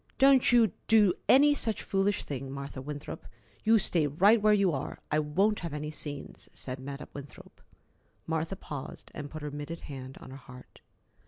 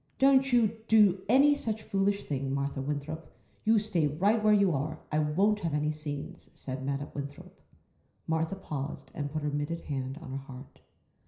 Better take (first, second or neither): first